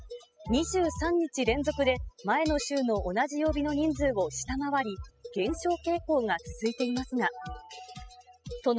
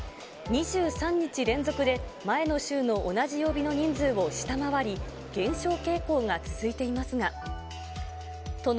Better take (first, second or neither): second